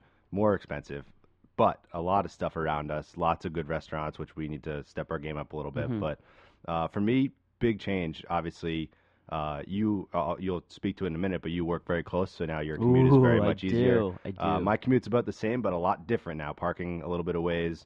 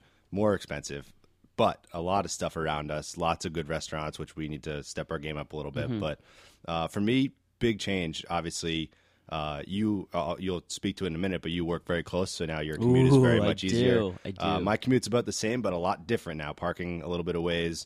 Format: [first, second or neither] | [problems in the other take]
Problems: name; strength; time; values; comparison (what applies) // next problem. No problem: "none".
second | muffled; very; fading above 2 kHz